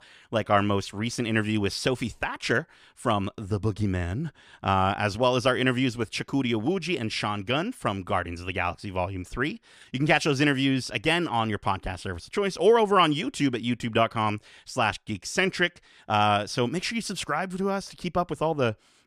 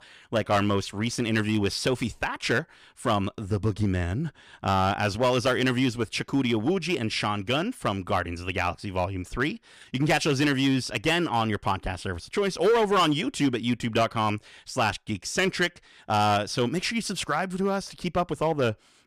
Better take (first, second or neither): first